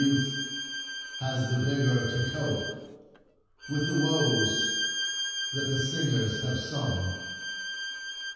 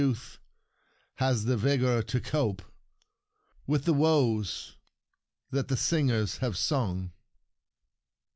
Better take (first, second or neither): second